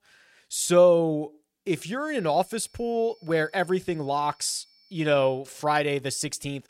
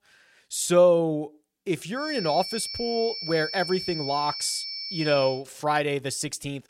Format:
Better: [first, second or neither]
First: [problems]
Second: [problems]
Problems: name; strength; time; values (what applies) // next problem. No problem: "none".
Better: first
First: high-pitched whine; faint; from 2 to 5.5 s; 5.5 kHz, 30 dB below the speech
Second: high-pitched whine; loud; from 2 to 5.5 s; 5.5 kHz, 6 dB below the speech